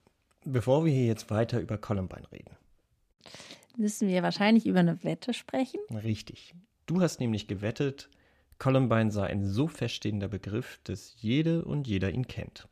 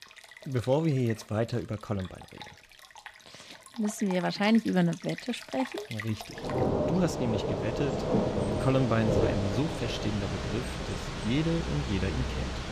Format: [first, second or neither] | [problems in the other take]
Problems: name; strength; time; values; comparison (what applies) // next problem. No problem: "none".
first | rain or running water; loud; throughout; 2 dB below the speech